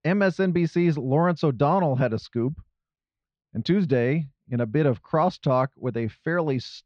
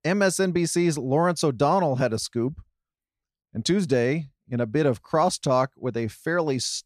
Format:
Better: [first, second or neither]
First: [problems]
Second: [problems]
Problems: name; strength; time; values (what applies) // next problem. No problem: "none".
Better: second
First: muffled; slightly; fading above 3.5 kHz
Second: none